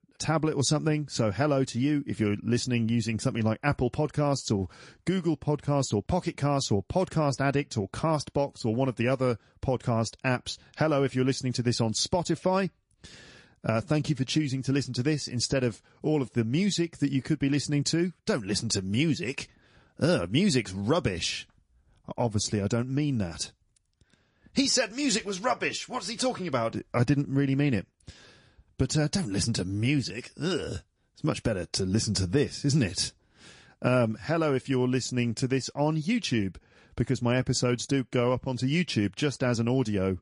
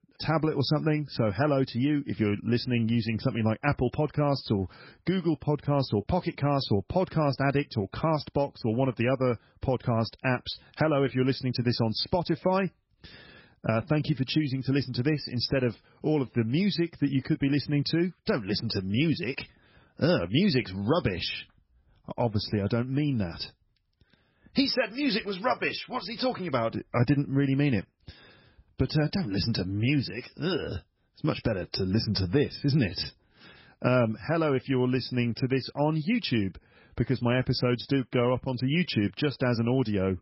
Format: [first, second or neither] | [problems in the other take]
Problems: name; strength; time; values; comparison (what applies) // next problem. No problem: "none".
first | garbled, watery; badly; nothing above 5.5 kHz; slightly in the first